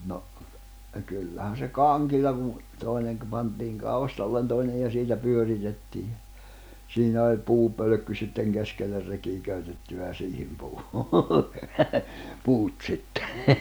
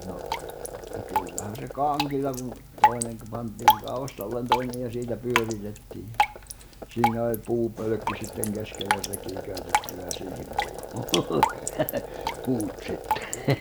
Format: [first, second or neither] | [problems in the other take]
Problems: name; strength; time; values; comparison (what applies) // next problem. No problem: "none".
first | background sound (Drip); 1 dB above the speech